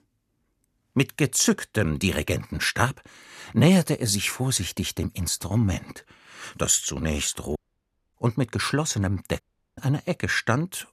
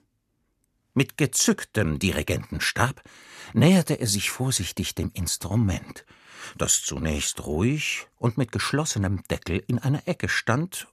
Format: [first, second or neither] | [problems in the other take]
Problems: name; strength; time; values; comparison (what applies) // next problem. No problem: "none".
second | audio cutting out; at 7.5 s for 0.5 s and at 9.5 s